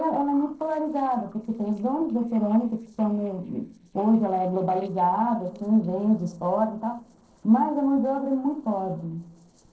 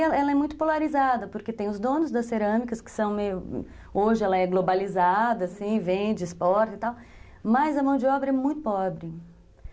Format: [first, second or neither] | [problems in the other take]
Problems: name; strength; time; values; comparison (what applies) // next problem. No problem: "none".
second | noise reduction (neural separator model SepFormer DNS4)